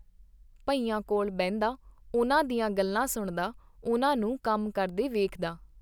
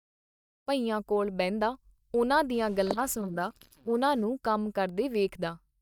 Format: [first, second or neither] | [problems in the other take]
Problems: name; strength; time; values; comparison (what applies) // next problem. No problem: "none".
first | noise reduction (neural mask model DeepFilterNet 3)